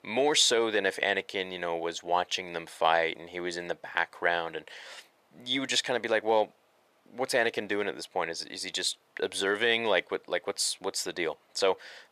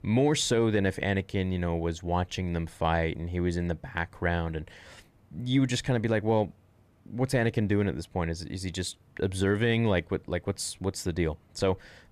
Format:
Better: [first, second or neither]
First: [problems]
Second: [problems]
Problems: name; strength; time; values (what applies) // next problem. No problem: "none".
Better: second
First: thin; very; fading below 600 Hz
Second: none